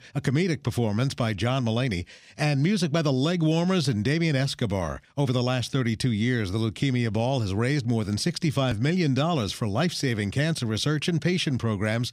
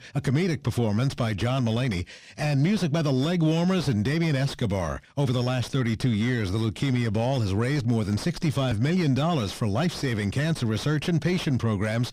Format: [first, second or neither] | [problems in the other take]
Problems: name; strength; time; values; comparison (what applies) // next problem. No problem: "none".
first | distortion; slight; 10 dB below the speech